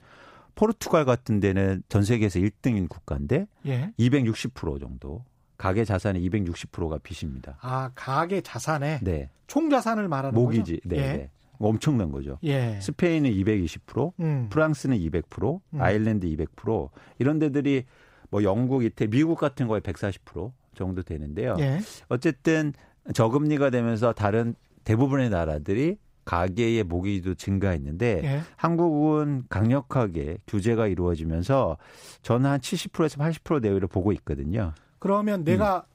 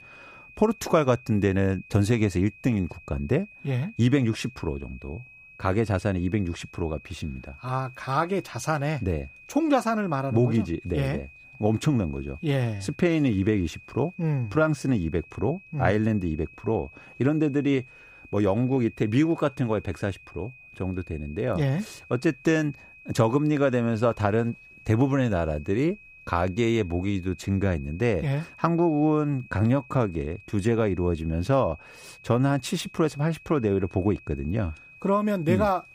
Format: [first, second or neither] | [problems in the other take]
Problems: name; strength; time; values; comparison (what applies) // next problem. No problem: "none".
first | high-pitched whine; faint; throughout; 2.5 kHz, 20 dB below the speech